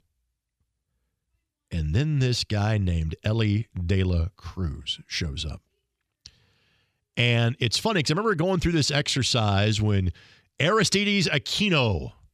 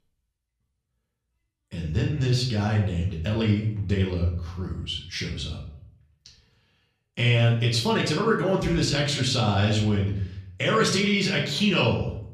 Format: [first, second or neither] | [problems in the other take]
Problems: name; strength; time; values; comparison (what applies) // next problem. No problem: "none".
first | off-mic speech; far // room echo; slight; dies away in 0.6 s